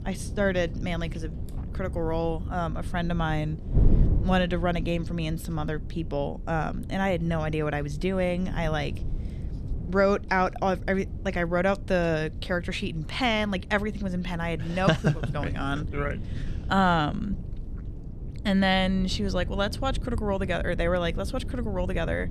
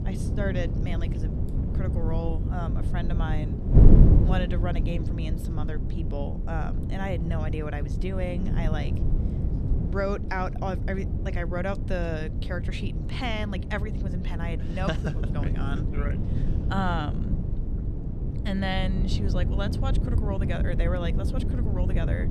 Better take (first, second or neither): first